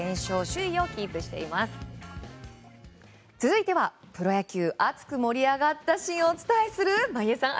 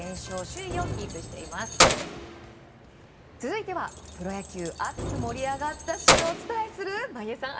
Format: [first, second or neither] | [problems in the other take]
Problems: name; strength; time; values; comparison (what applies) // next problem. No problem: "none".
first | background sound (Keys jangling); 4 dB above the speech // room echo; dies away in 0.3 s